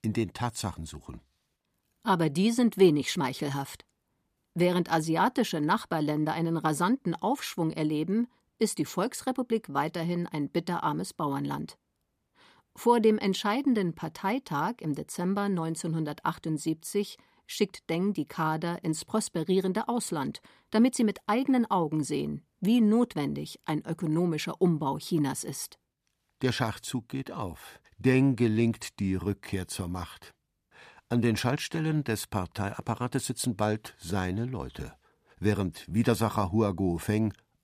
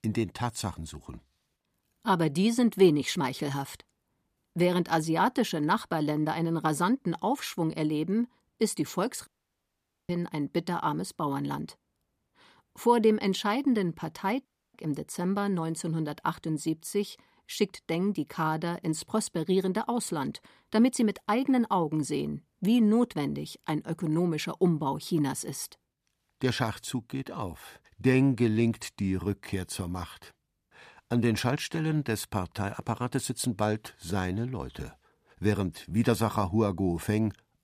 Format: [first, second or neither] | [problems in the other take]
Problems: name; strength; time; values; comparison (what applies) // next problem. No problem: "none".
first | audio cutting out; at 9.5 s for 1 s and at 14 s